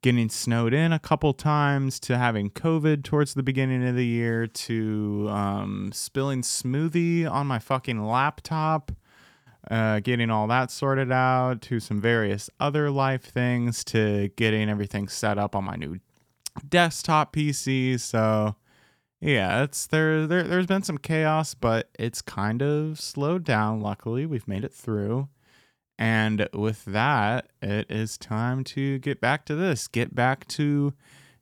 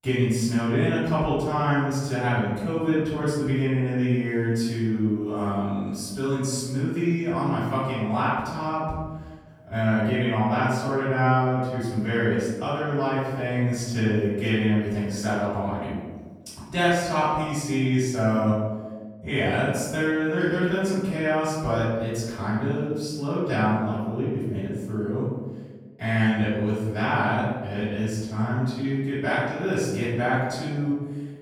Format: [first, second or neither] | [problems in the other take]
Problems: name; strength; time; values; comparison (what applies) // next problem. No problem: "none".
first | off-mic speech; far // room echo; strong; dies away in 1.2 s